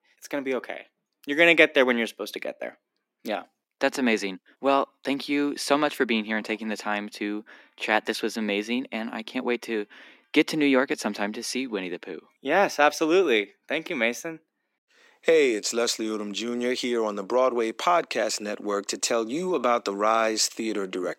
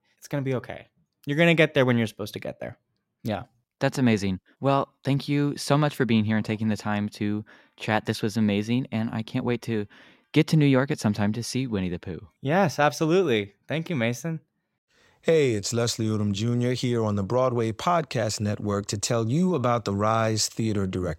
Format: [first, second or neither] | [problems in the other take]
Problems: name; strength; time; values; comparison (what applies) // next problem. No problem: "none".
second | thin; somewhat; fading below 250 Hz